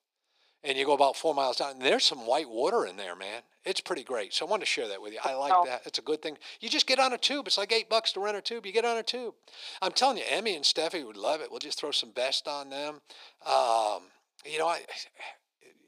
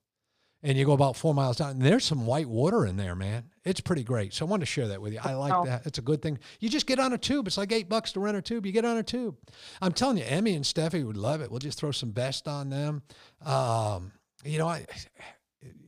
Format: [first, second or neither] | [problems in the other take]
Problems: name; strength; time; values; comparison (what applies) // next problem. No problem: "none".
second | thin; very; fading below 350 Hz